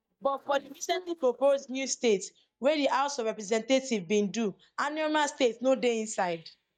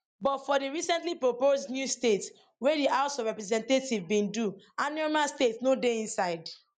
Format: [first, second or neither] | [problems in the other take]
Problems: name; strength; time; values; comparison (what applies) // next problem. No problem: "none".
second | noise reduction (neural mask model DeepFilterNet 3)